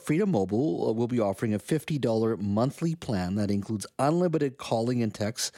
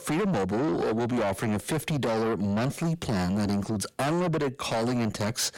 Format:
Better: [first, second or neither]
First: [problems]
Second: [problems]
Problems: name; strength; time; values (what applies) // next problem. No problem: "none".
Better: first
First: none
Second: distortion; heavy; 6 dB below the speech